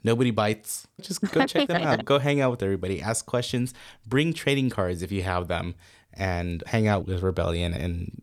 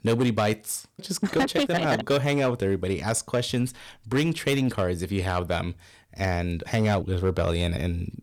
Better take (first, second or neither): first